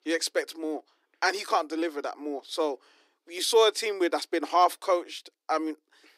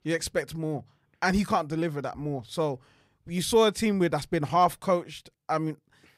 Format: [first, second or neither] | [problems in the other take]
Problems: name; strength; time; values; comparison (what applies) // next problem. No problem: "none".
second | thin; very; fading below 300 Hz